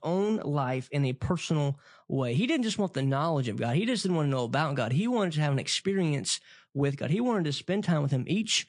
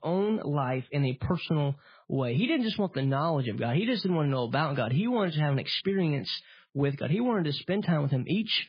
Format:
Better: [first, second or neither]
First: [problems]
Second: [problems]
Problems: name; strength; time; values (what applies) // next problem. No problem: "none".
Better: first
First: garbled, watery; slightly; nothing above 9 kHz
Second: garbled, watery; badly